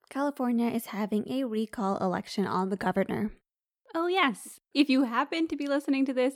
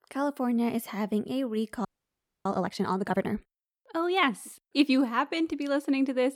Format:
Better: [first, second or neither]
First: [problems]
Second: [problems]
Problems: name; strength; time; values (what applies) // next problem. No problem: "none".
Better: first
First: none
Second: audio freezing; at 2 s for 0.5 s